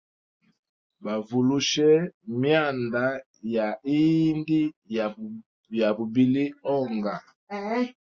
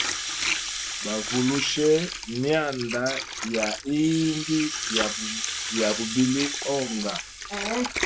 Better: first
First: none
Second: background sound (Water + Rattle (instrument)); 4 dB below the speech

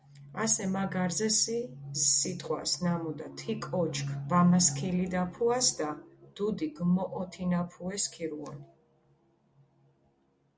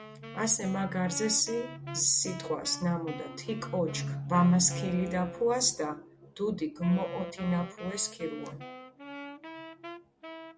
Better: first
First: none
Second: background sound (Wind instrument, woodwind instrument); 14 dB below the speech

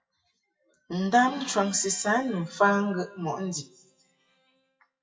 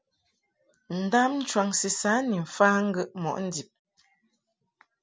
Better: second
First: noise reduction (classical method WPE with log-MMSE)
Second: none

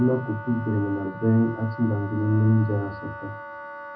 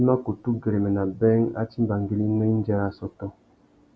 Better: second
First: background sound (Wind instrument, woodwind instrument); 14 dB below the speech // room echo; dies away in 0.4 s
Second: none

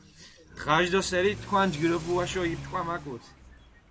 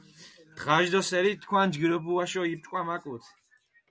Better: second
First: background sound (Accelerating, revving, vroom / Car + Bowed string instrument); 14 dB below the speech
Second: none

